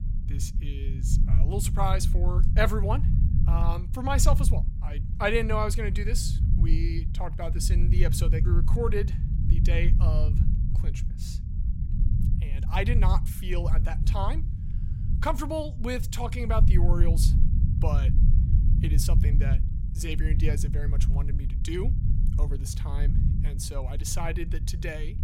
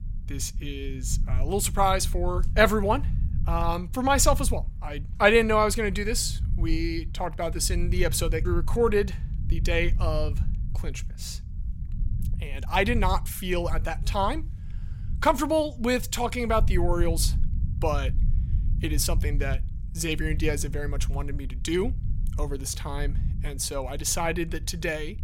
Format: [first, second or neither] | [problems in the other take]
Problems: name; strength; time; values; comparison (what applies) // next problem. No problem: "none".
second | low rumble; loud; throughout; 9 dB below the speech; faint in the second